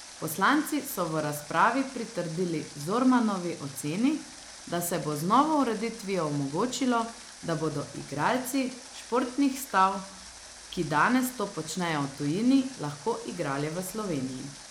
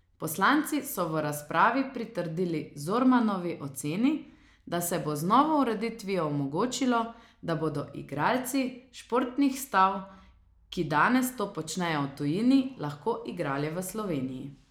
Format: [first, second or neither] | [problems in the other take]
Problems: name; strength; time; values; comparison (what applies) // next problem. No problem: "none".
second | background sound (Water); 17 dB below the speech